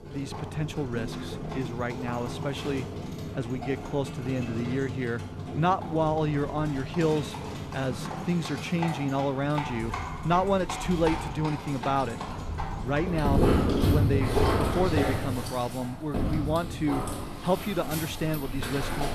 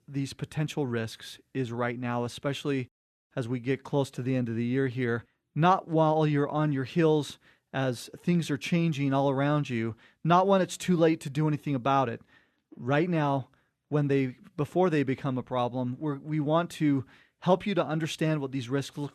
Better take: second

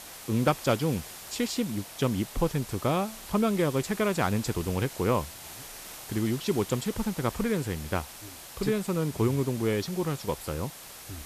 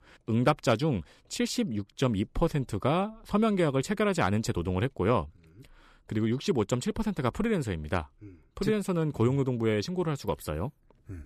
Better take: second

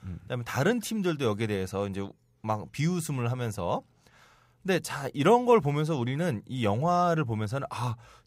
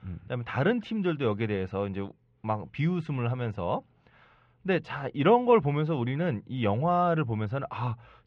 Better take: first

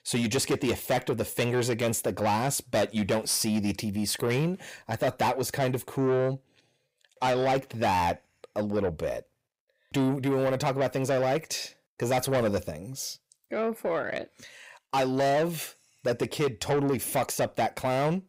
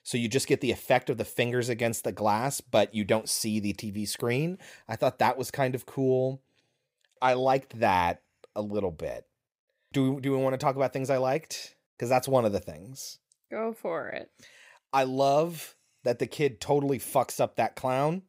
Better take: second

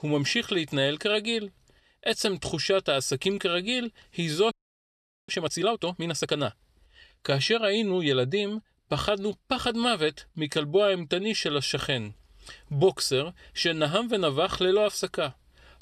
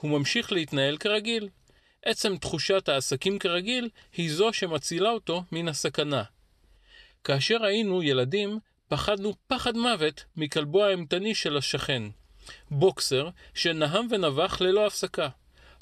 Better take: second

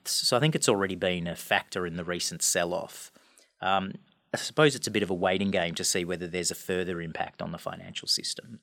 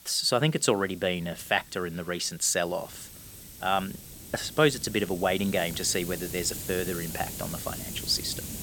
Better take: first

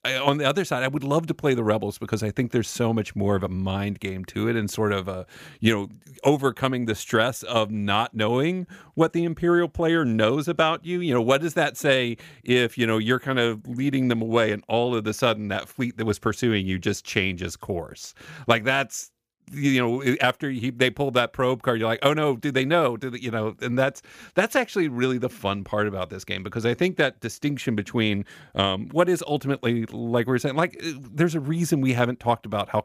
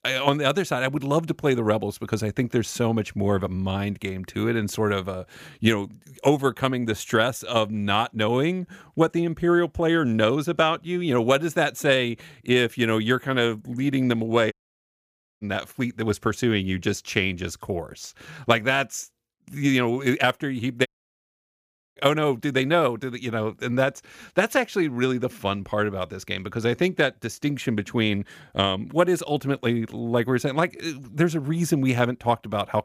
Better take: first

